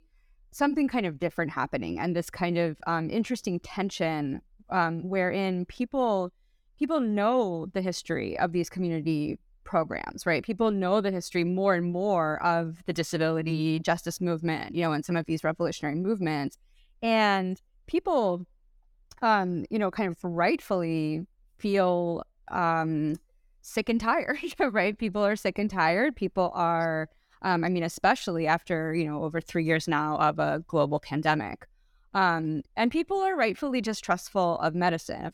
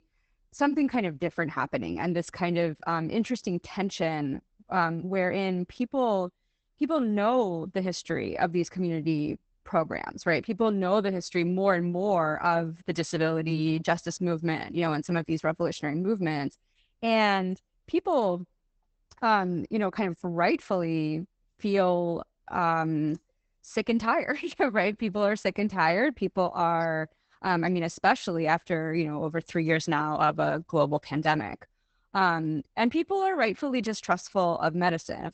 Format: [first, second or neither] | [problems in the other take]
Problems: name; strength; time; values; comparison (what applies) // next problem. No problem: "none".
first | garbled, watery; badly; nothing above 8 kHz